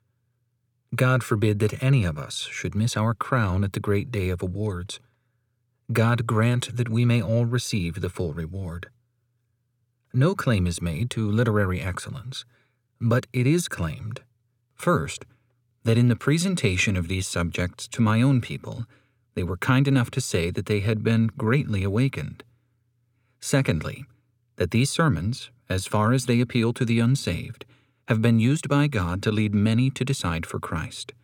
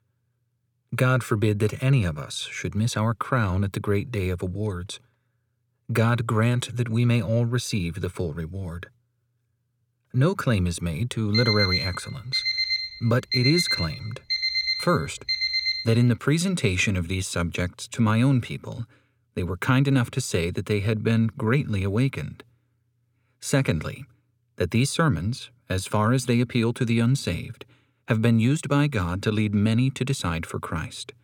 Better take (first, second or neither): first